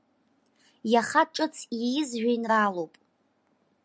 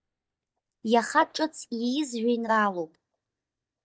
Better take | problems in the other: first | noise reduction (neural mask model DeepFilterNet 3)

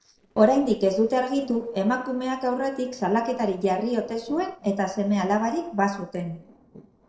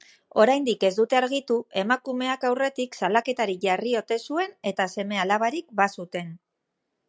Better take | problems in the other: second | noise reduction (neural separator model SepFormer DNS4)

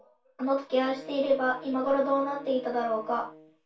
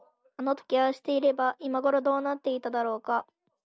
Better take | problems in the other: second | background sound (Wind instrument, woodwind instrument); 19 dB below the speech // room echo; dies away in 0.2 s

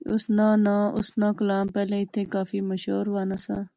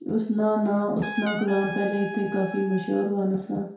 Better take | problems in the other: first | background sound (Trumpet); 13 dB below the speech // room echo; dies away in 0.6 s

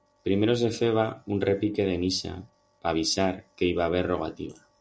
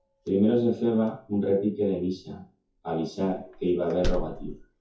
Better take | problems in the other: first | noise reduction (classical method WPE with log-MMSE)

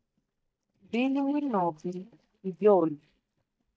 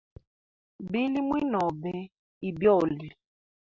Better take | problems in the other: second | noise reduction (neural mask model DeepFilterNet 3)

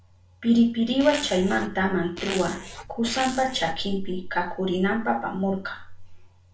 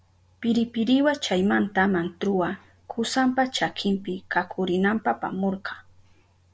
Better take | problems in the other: second | background sound (Zipper (clothing)); 11 dB below the speech // room echo; dies away in 0.3 s

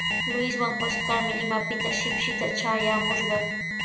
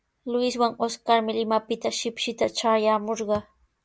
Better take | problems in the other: second | background sound (Alarm); 1 dB above the speech // room echo; dies away in 0.7 s

